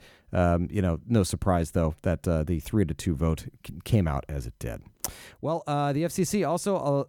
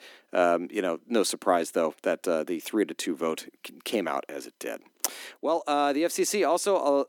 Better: first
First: none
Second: thin; somewhat; fading below 250 Hz

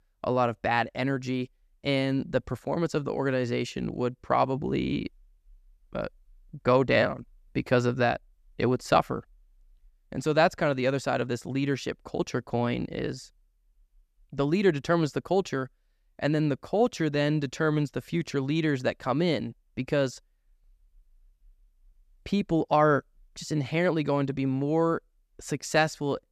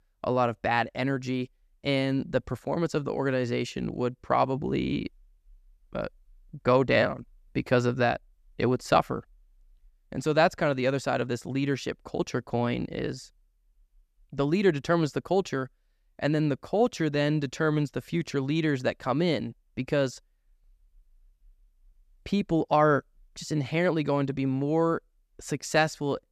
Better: neither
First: none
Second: none

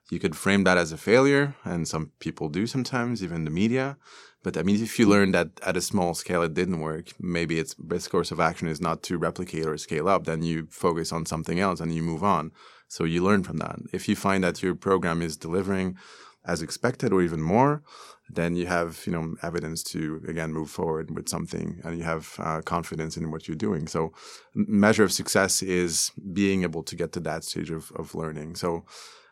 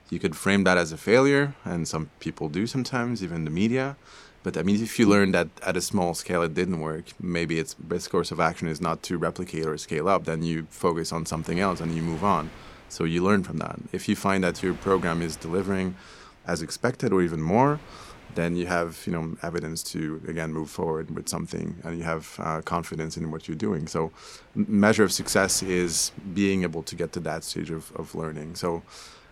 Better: first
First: none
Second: wind noise on the microphone; occasional gusts; 25 dB below the speech

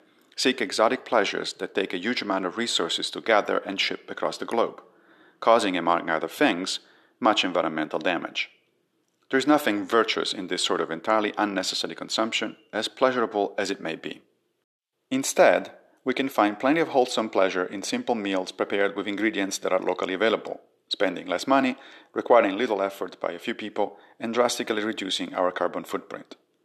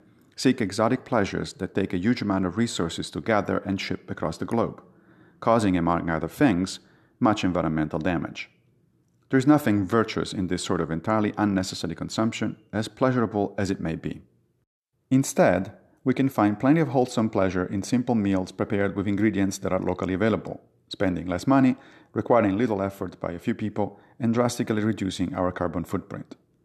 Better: second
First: thin; somewhat; fading below 450 Hz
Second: none

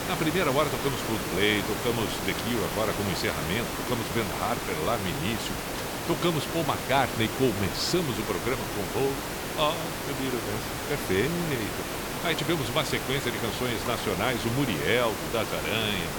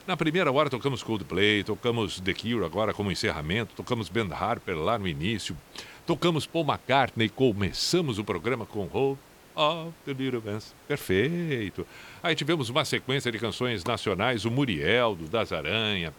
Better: second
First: hiss; loud; throughout; 3 dB below the speech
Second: hiss; faint; throughout; 25 dB below the speech

